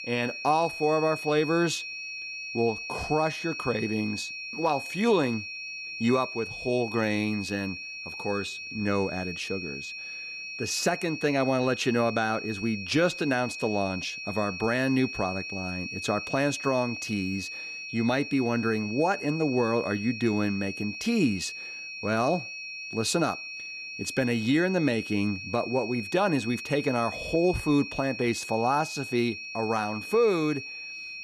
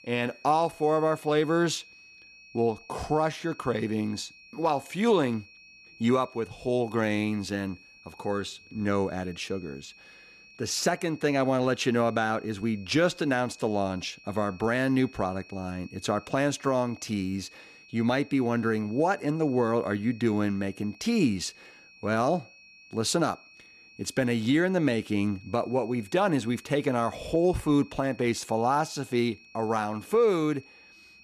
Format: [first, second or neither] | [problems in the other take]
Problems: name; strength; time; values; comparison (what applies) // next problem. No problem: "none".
second | high-pitched whine; loud; throughout; 2.5 kHz, 7 dB below the speech; faint in the second